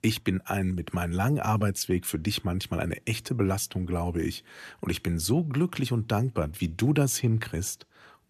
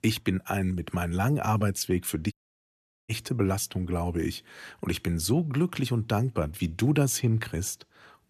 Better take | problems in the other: first | audio cutting out; at 2.5 s for 1 s

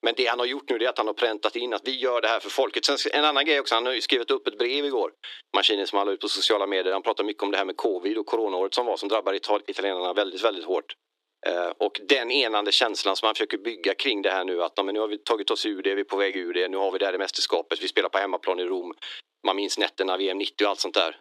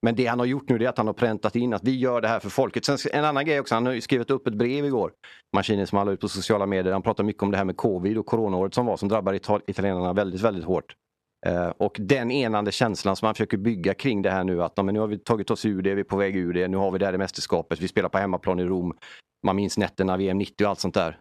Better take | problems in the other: second | thin; somewhat; fading below 300 Hz

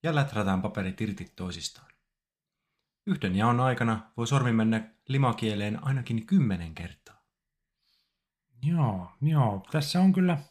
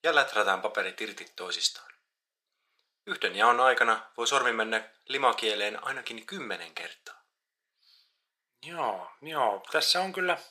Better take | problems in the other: first | thin; very; fading below 450 Hz

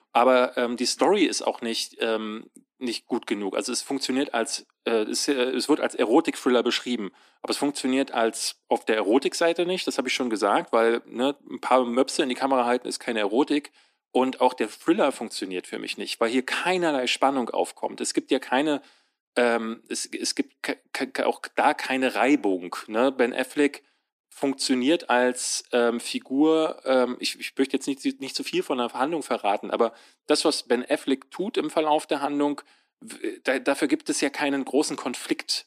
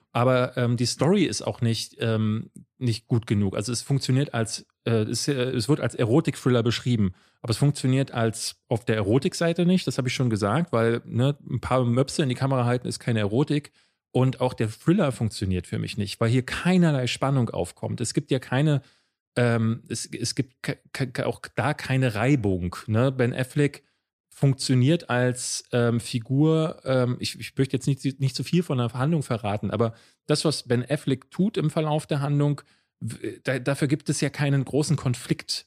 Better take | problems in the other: second | thin; somewhat; fading below 250 Hz

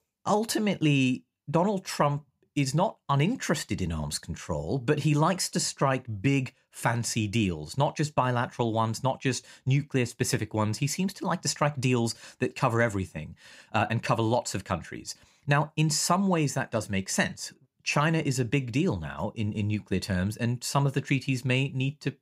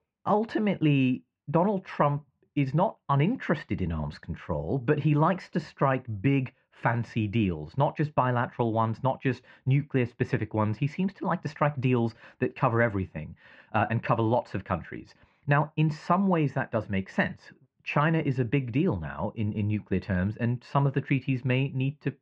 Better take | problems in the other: first | muffled; very; fading above 2.5 kHz

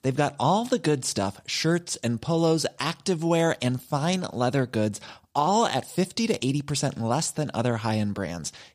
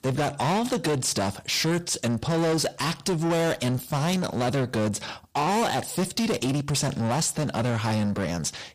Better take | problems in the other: first | distortion; heavy; 7 dB below the speech

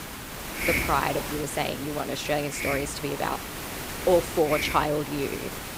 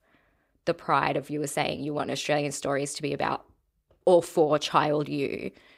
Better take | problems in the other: second | hiss; loud; throughout; 4 dB below the speech

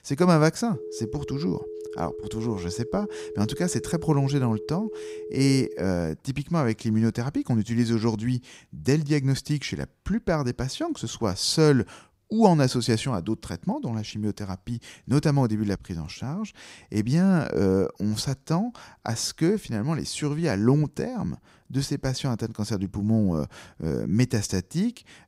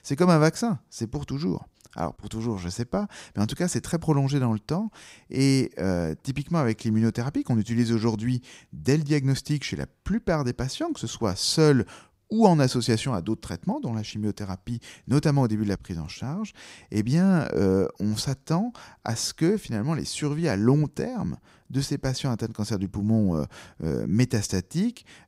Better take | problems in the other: second | phone ringing; faint; from 0.5 to 6 s; peak 10 dB below the speech

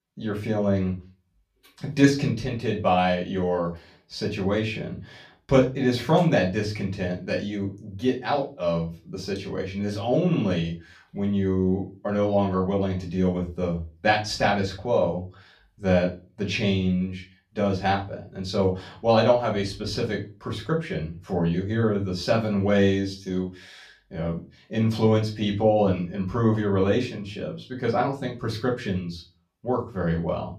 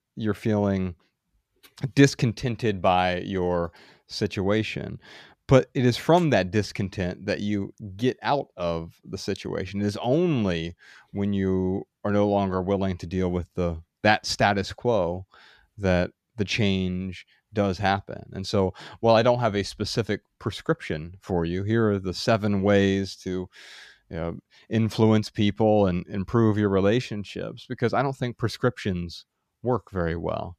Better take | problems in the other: second | off-mic speech; far // room echo; very slight; dies away in 0.3 s

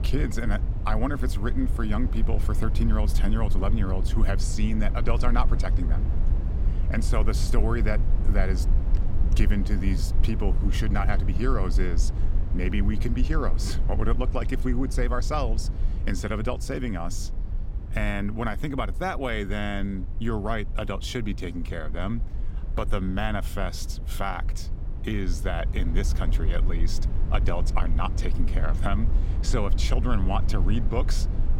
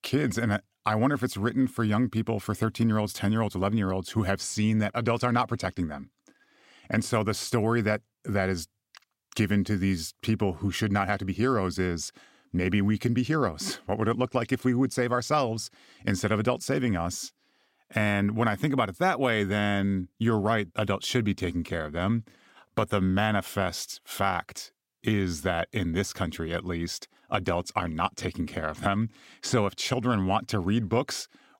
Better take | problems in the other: second | low rumble; noticeable; throughout; 10 dB below the speech

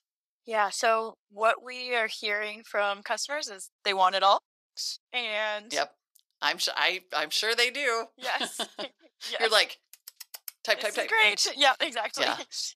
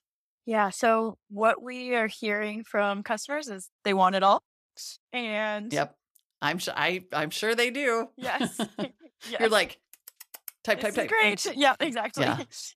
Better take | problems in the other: second | thin; somewhat; fading below 500 Hz

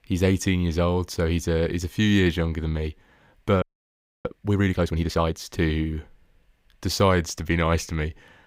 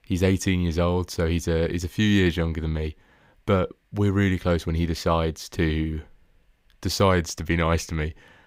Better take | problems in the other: second | audio freezing; at 3.5 s for 0.5 s

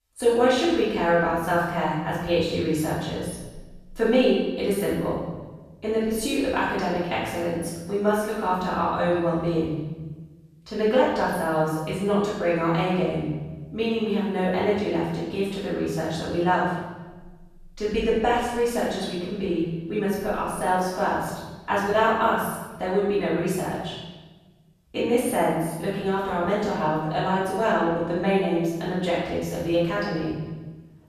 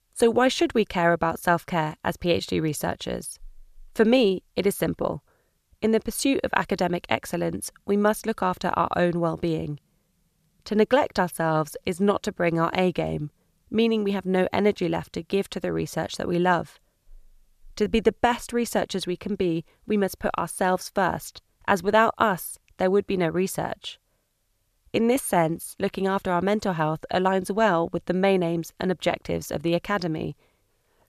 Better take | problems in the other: second | off-mic speech; far // room echo; strong; dies away in 1.1 s

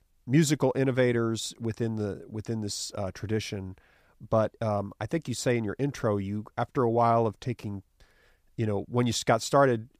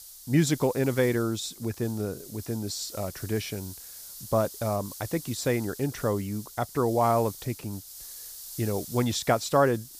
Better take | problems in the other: first | hiss; noticeable; throughout; 15 dB below the speech

